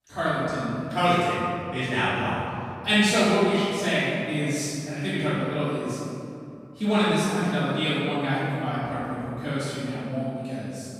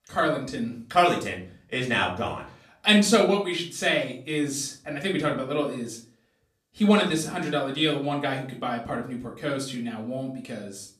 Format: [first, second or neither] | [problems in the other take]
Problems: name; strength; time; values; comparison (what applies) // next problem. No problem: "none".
second | room echo; strong; dies away in 2.5 s; slight in the second // off-mic speech; far; far in the second